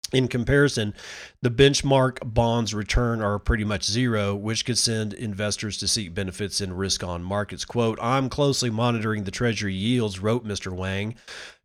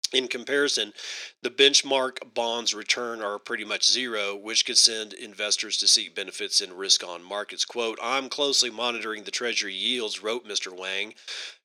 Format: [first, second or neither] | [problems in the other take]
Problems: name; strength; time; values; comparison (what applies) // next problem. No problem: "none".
first | thin; somewhat; fading below 350 Hz